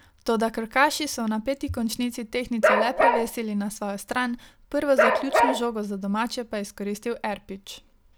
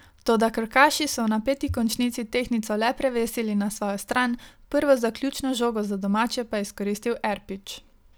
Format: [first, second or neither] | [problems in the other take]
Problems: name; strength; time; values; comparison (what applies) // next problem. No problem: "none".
second | background sound (Bark); 4 dB above the speech